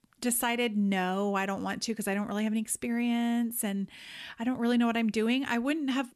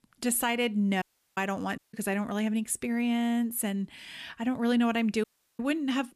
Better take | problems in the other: first | audio cutting out; at 1 s, at 2 s and at 5 s

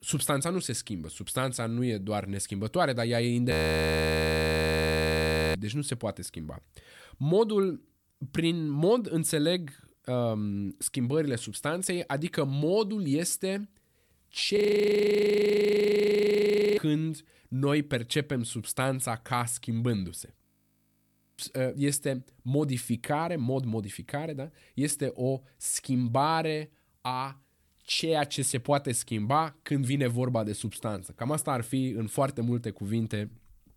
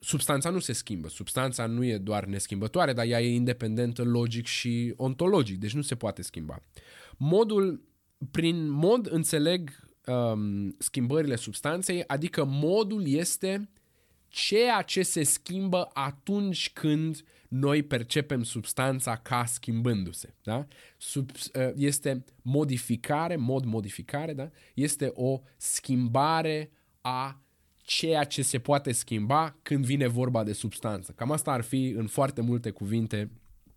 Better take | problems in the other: second | audio freezing; at 3.5 s for 2 s, at 15 s for 2 s and at 20 s for 1 s

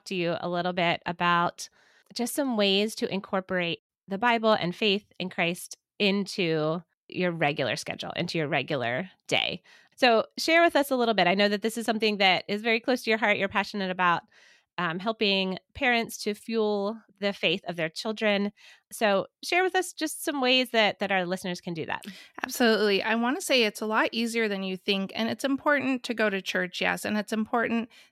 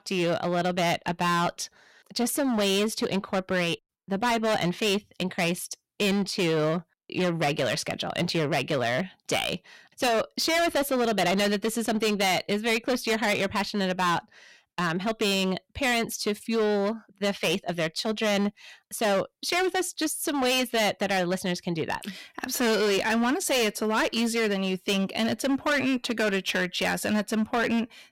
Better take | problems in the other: first | distortion; heavy; 16% of the sound clipped

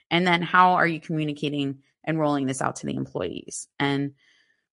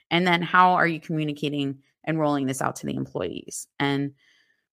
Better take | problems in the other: second | garbled, watery; slightly; nothing above 10.5 kHz

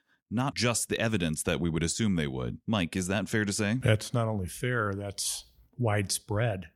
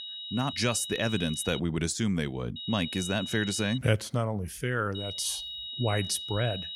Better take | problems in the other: first | high-pitched whine; loud; until 1.5 s, from 2.5 to 4 s and from 5 s on; 4 kHz, 7 dB below the speech

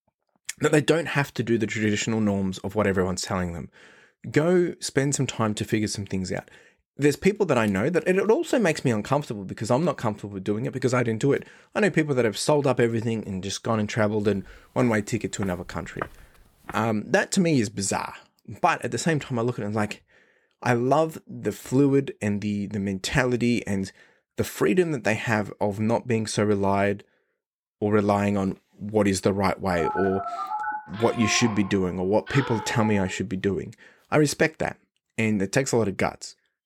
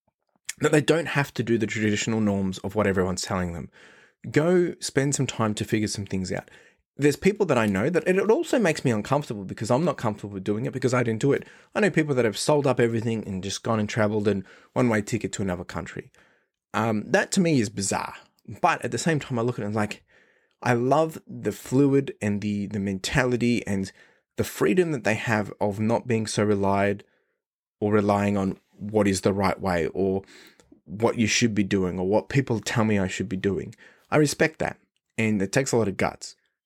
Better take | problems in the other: second | footsteps; faint; from 14 to 17 s; peak 10 dB below the speech // phone ringing; noticeable; from 30 to 33 s; peak 5 dB below the speech

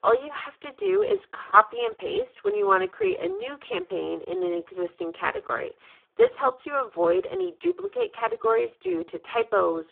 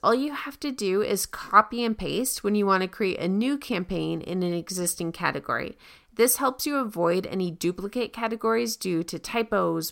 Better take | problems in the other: second | phone-call audio; poor line

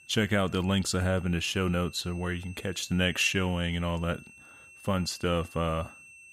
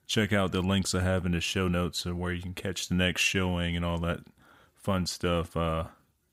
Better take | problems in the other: second | high-pitched whine; faint; throughout; 2.5 kHz, 20 dB below the speech

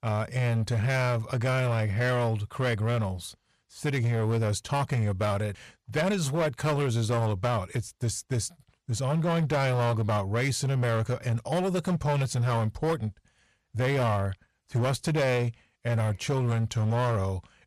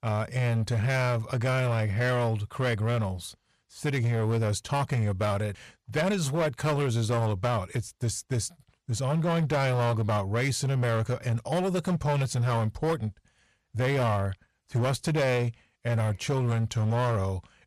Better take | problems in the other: neither | distortion; slight; 16% of the sound clipped; the same in both

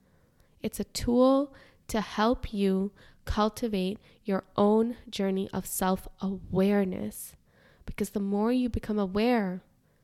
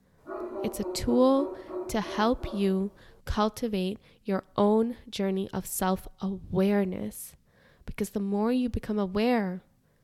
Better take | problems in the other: first | dog barking; noticeable; until 3 s; peak 7 dB below the speech

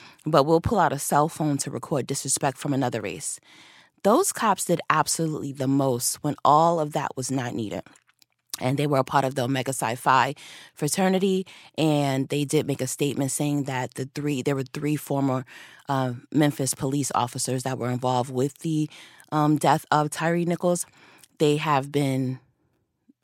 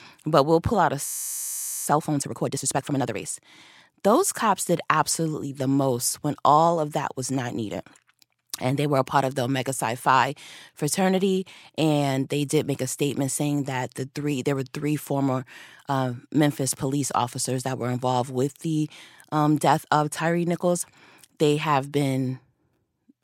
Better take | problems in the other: first | audio freezing; at 1 s for 1 s

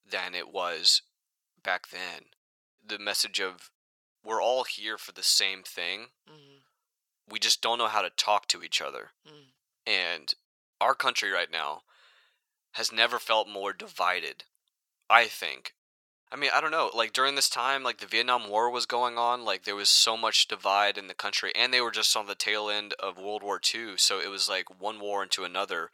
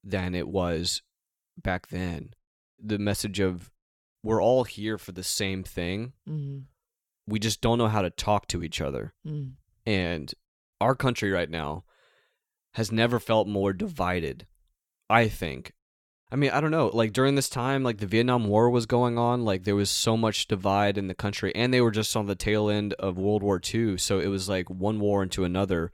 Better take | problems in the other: second | thin; very; fading below 900 Hz

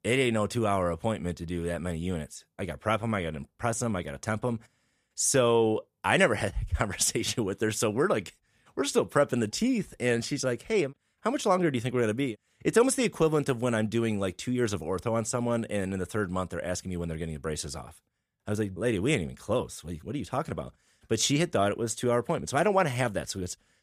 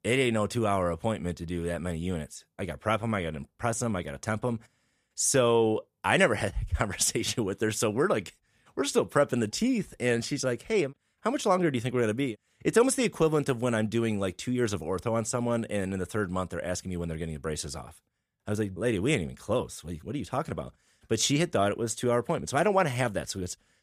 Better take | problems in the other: neither | none

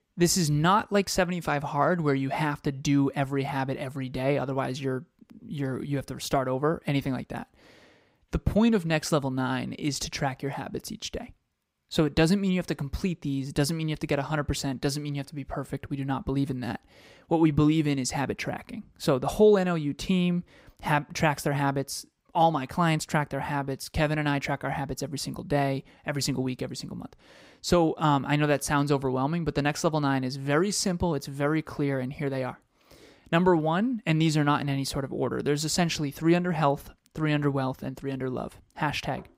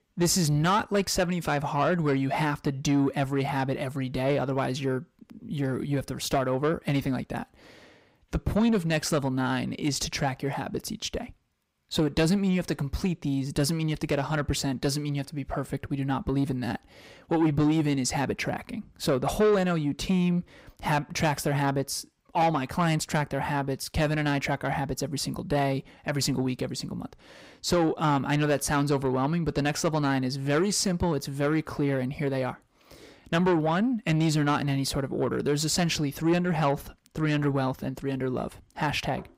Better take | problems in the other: first | distortion; slight; 10 dB below the speech

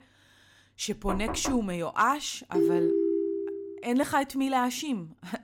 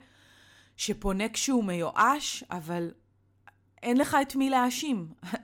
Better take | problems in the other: second | door banging; noticeable; at 1 s; peak 5 dB below the speech // phone ringing; loud; from 2.5 to 3.5 s; peak 5 dB above the speech

